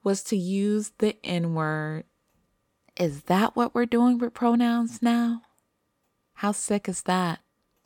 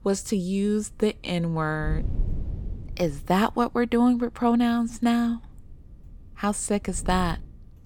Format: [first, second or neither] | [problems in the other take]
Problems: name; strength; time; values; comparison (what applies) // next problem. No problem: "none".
first | wind noise on the microphone; occasional gusts; 25 dB below the speech